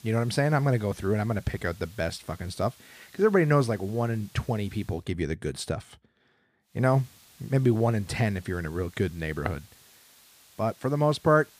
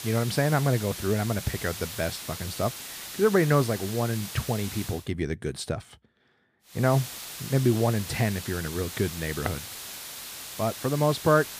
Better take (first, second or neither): first